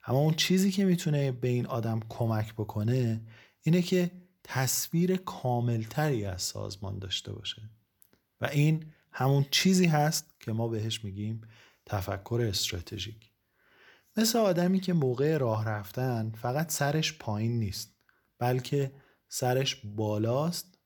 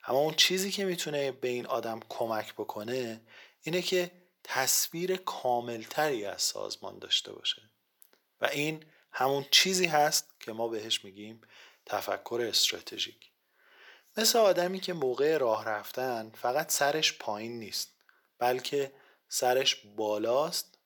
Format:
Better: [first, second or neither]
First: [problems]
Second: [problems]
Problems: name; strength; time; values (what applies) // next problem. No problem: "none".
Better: first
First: none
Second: thin; very; fading below 500 Hz